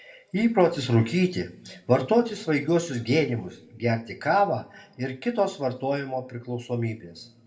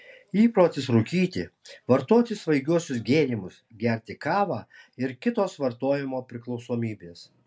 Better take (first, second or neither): second